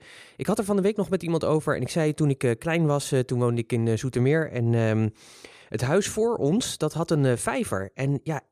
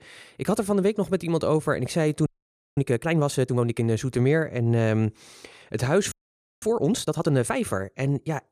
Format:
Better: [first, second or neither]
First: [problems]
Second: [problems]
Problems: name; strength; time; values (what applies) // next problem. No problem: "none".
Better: first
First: none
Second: audio freezing; at 2.5 s for 0.5 s and at 6 s for 0.5 s